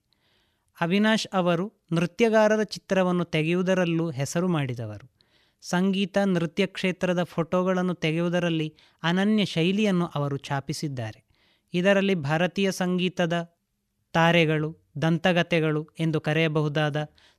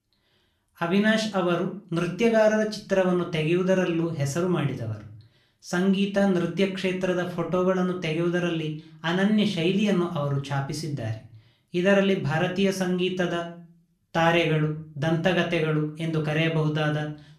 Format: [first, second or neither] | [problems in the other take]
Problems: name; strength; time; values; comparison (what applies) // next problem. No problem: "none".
first | room echo; slight; dies away in 0.4 s // off-mic speech; far